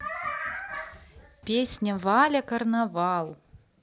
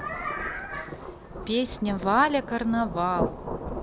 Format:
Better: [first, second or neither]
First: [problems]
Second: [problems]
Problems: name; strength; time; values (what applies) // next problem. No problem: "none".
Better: first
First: none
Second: background sound (Rain / Thunderstorm); 7 dB below the speech